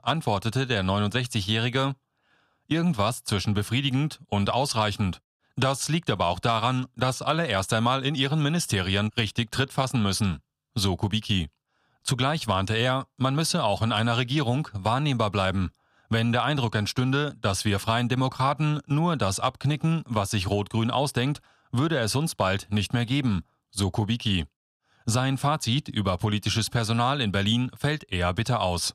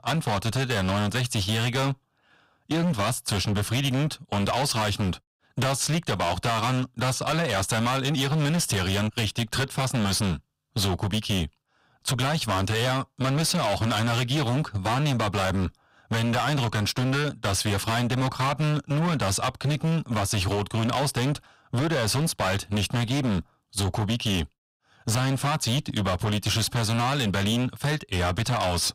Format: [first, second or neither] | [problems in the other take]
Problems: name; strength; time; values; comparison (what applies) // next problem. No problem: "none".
first | distortion; heavy; 25% of the sound clipped